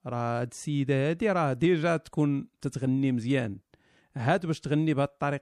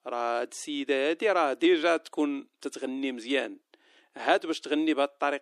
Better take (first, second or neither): first